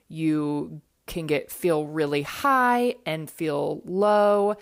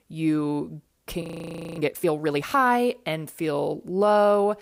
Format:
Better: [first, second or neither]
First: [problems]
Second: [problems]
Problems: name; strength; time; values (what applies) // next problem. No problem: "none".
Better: first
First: none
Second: audio freezing; at 1 s for 0.5 s